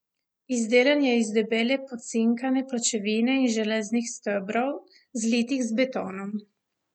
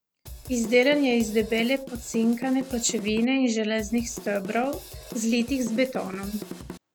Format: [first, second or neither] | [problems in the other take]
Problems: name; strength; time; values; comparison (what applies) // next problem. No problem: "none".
first | background sound (Drum / Drum kit); 15 dB below the speech